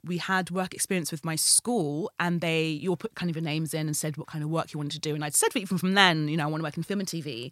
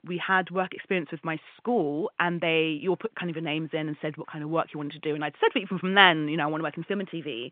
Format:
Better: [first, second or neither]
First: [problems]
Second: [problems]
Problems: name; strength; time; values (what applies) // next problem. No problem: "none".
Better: first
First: none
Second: phone-call audio; nothing above 3.5 kHz